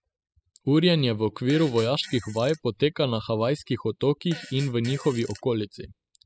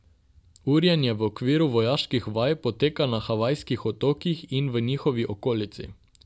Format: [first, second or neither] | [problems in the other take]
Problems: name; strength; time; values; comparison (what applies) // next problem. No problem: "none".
second | noise reduction (classical method spectral subtraction)